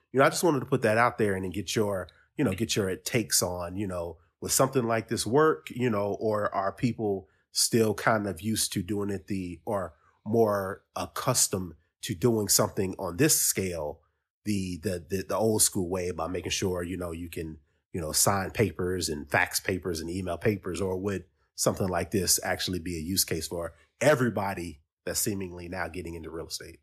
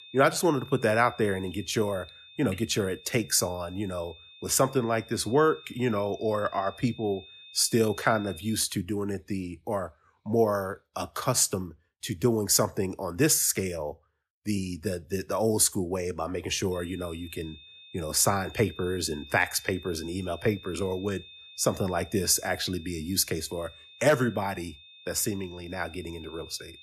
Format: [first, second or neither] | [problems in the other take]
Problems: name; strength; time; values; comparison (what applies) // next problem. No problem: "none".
first | high-pitched whine; noticeable; until 8.5 s and from 17 s on; 3.5 kHz, 20 dB below the speech